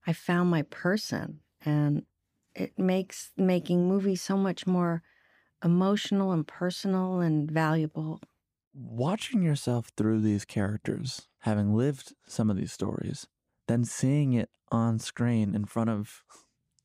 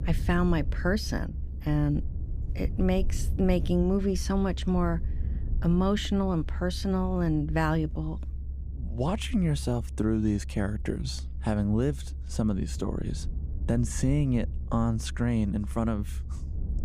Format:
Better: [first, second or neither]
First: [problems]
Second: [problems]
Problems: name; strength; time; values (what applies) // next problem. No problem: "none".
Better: first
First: none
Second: low rumble; noticeable; throughout; 20 dB below the speech